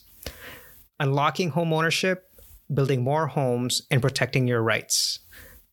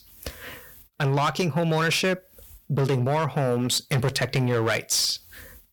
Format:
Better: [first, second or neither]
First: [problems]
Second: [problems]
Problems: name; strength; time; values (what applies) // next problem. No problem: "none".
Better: first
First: none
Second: distortion; slight; 11% of the sound clipped